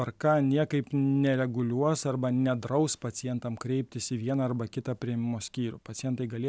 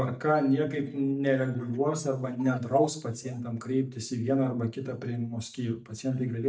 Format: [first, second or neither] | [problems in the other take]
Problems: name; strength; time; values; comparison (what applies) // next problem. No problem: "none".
first | noise reduction (neural mask model DeepFilterNet 3)